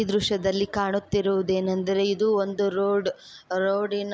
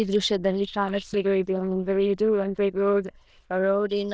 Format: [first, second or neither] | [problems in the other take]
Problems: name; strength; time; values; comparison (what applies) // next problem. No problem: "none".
first | noise reduction (neural diffusion model UNIVERSE++)